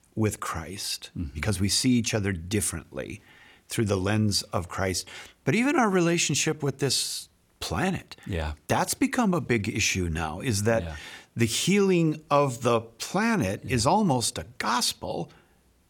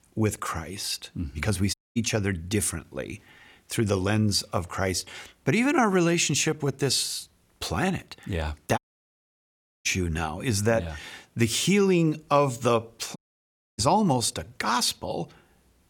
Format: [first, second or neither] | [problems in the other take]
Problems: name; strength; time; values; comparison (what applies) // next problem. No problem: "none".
first | audio cutting out; at 1.5 s, at 9 s for 1 s and at 13 s for 0.5 s